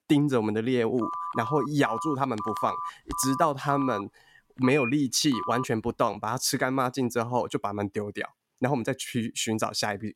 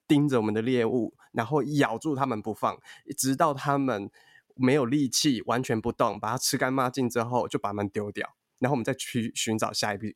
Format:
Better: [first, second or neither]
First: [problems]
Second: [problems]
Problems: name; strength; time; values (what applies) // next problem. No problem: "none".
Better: second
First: phone ringing; noticeable; from 1 to 5.5 s; peak 4 dB below the speech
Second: none